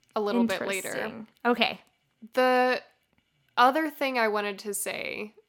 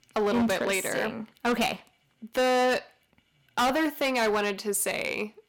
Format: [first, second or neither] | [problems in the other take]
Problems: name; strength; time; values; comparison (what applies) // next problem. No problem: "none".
first | distortion; heavy; 13% of the sound clipped